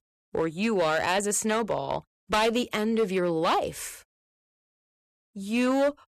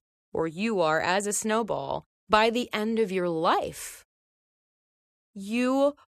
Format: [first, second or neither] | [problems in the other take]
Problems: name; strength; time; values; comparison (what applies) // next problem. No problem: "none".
second | distortion; slight; 6% of the sound clipped